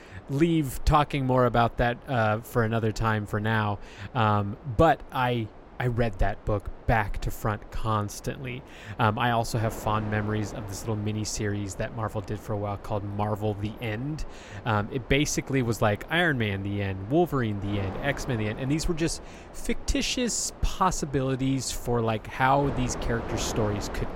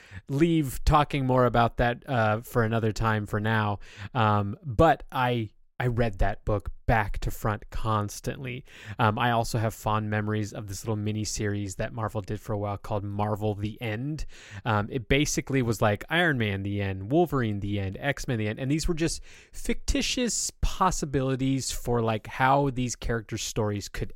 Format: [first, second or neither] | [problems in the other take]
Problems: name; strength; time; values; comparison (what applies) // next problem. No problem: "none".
second | wind noise on the microphone; occasional gusts; 15 dB below the speech